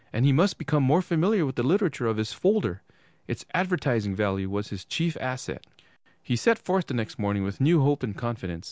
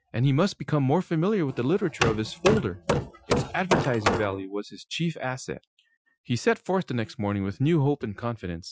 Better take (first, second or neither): first